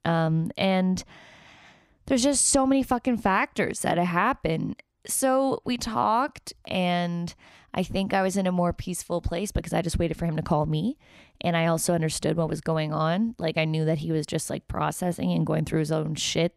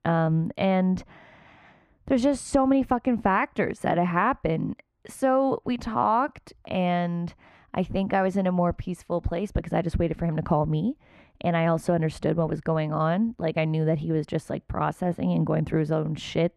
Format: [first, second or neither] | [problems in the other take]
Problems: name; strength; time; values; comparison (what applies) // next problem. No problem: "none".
first | muffled; very; fading above 3.5 kHz